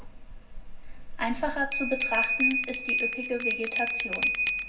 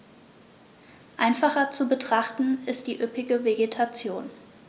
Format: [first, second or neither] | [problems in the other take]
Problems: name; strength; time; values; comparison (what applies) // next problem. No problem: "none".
second | background sound (Bell); 3 dB above the speech // room echo; dies away in 0.4 s